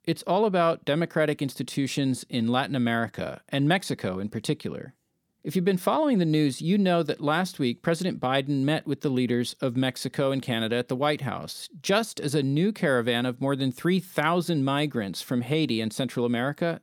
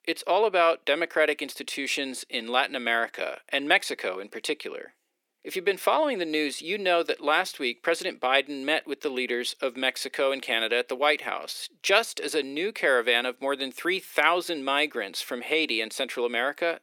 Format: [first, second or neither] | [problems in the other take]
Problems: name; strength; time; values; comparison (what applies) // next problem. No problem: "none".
first | thin; very; fading below 350 Hz